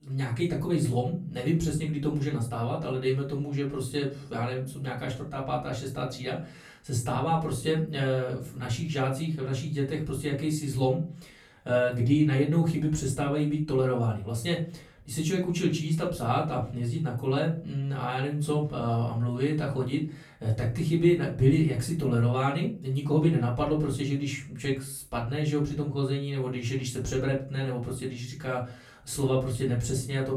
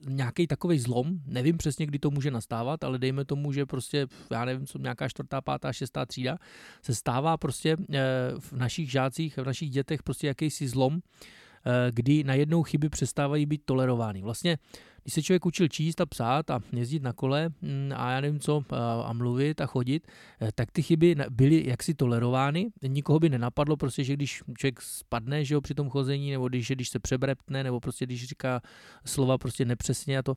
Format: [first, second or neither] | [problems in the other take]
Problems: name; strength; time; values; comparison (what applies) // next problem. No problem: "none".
second | room echo; slight; dies away in 0.3 s // off-mic speech; far